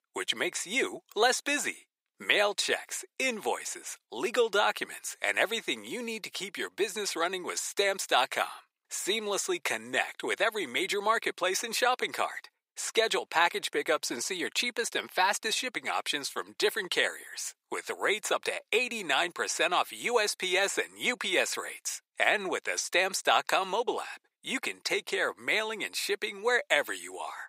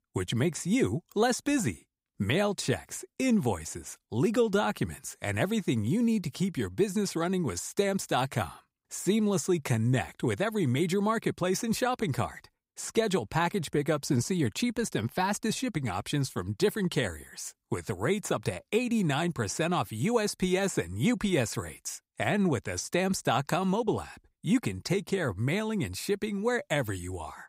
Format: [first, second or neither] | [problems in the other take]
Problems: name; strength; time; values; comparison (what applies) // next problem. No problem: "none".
second | thin; very; fading below 450 Hz